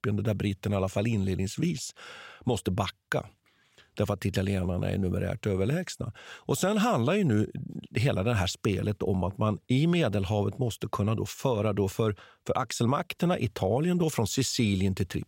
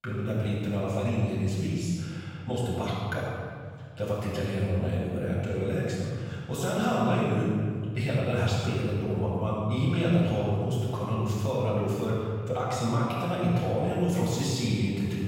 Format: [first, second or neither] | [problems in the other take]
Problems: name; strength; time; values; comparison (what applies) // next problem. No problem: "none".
first | room echo; strong; dies away in 1.9 s // off-mic speech; far